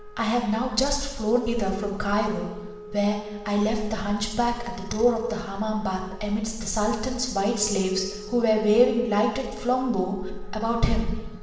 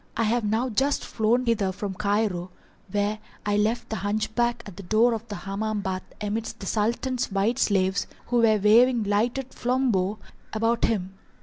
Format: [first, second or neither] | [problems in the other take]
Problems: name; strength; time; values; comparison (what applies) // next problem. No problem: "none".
second | background sound (Wind instrument, woodwind instrument); 18 dB below the speech // room echo; dies away in 1.2 s